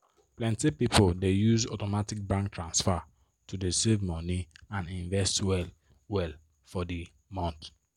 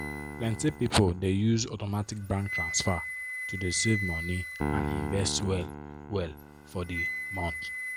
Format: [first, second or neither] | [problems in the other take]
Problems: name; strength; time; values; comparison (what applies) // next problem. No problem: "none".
first | background sound (Wind instrument, woodwind instrument + Piano); 5 dB below the speech